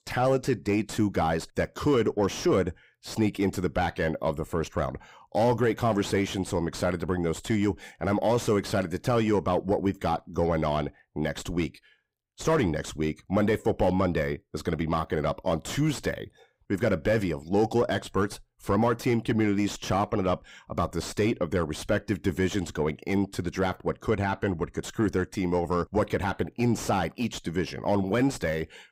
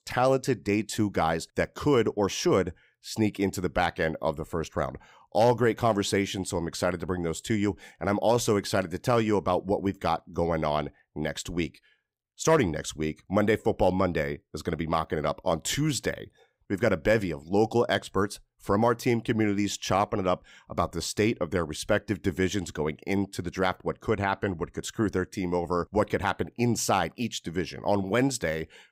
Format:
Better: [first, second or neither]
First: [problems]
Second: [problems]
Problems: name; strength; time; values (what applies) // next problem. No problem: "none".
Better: second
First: distortion; slight; 10 dB below the speech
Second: none